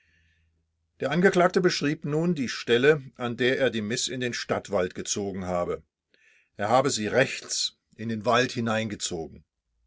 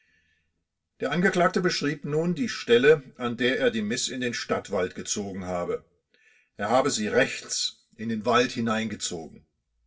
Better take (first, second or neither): first